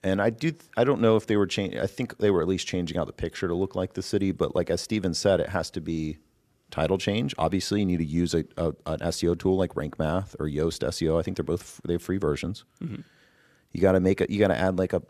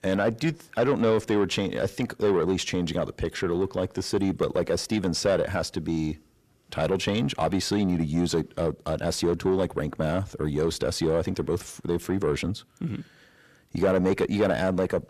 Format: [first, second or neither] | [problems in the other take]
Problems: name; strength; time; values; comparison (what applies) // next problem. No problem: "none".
first | distortion; slight; 10 dB below the speech